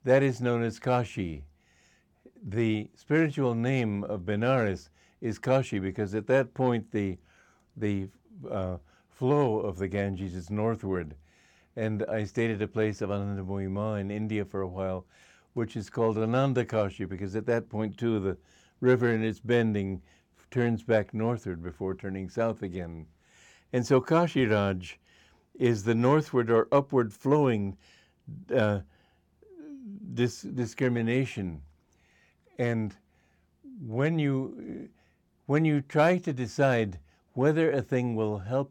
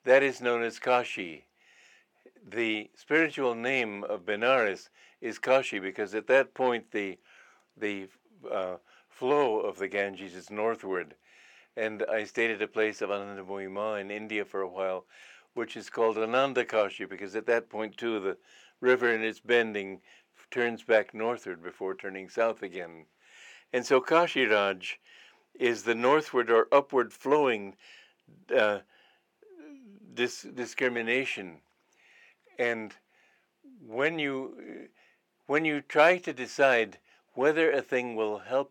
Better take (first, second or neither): first